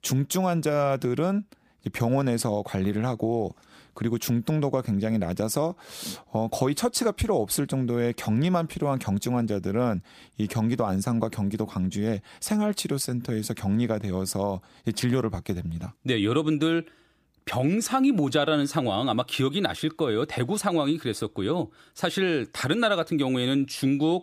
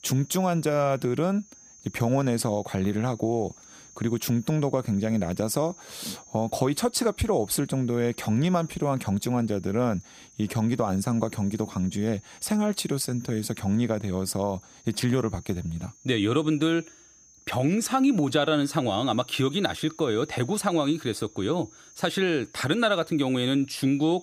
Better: first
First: none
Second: high-pitched whine; faint; throughout; 6.5 kHz, 25 dB below the speech

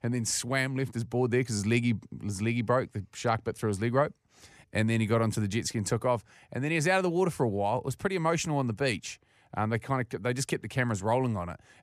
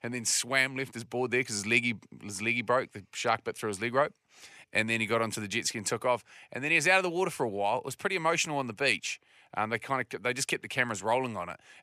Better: first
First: none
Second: thin; somewhat; fading below 1 kHz

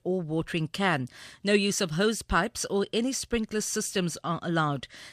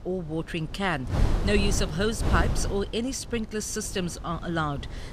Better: first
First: none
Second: wind noise on the microphone; heavy; 9 dB below the speech

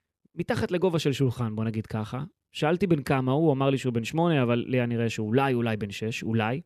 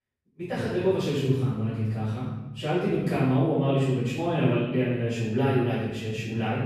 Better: first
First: none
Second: off-mic speech; far // room echo; strong; dies away in 1 s

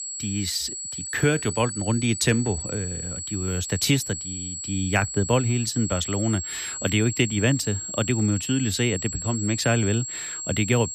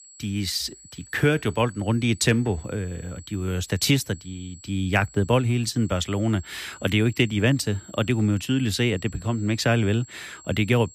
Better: second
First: high-pitched whine; loud; throughout; 7.5 kHz, 6 dB below the speech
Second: high-pitched whine; faint; throughout; 7.5 kHz, 20 dB below the speech

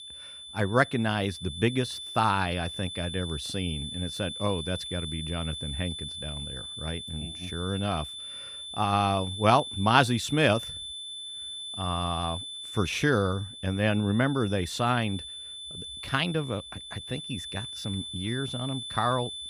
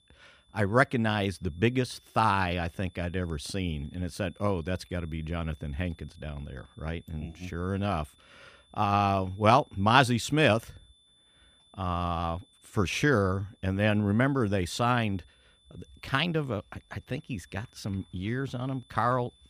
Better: second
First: high-pitched whine; loud; throughout; 3.5 kHz, 8 dB below the speech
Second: high-pitched whine; faint; throughout; 3.5 kHz, 30 dB below the speech

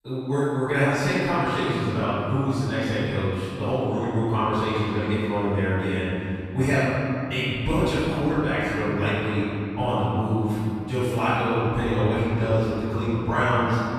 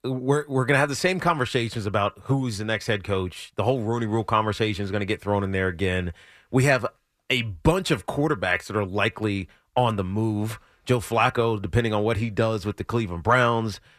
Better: second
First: off-mic speech; far // room echo; strong; dies away in 3 s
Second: none

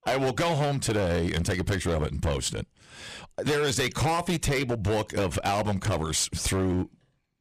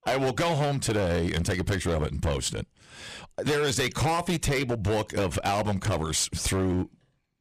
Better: neither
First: distortion; heavy; 16% of the sound clipped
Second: distortion; heavy; 16% of the sound clipped

